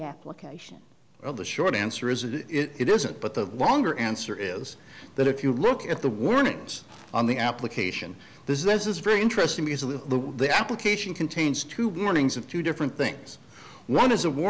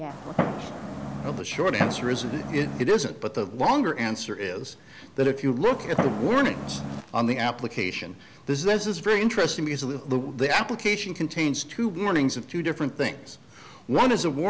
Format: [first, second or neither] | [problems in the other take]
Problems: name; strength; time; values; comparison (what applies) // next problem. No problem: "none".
first | background sound (Fireworks); 5 dB below the speech